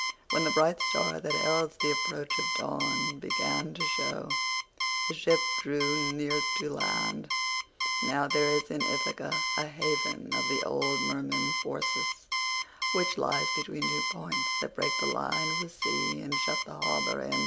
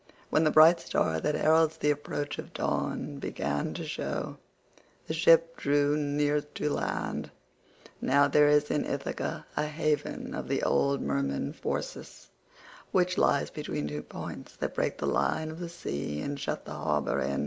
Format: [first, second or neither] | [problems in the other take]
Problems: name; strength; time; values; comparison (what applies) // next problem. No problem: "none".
second | background sound (Alarm); 2 dB above the speech